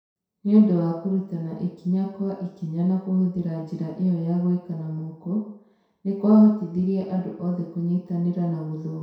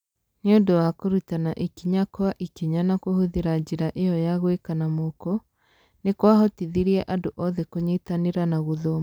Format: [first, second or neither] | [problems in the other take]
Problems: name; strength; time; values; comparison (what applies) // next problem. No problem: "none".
second | room echo; dies away in 0.7 s